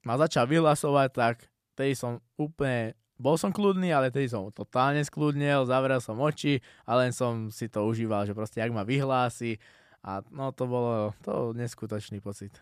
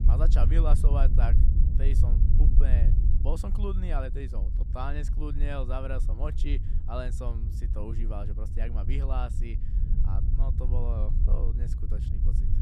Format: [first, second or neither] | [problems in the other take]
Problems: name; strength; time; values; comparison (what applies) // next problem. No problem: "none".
first | low rumble; loud; throughout; 7 dB below the speech